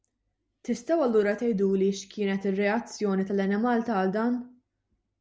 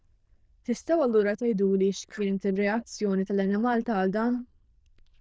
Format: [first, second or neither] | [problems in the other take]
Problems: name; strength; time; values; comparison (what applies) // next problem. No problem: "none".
first | noise reduction (neural diffusion model UNIVERSE++)